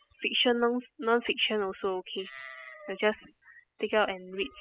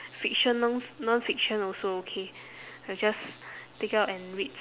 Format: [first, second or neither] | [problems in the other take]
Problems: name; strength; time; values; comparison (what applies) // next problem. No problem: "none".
second | noise reduction (classical method spectral subtraction)